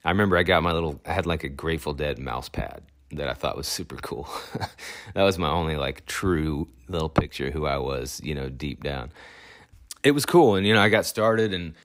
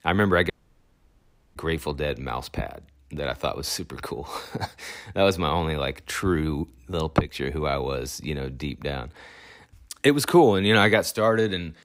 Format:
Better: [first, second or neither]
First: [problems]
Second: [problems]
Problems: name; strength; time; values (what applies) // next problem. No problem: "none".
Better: first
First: none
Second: audio cutting out; at 0.5 s for 1 s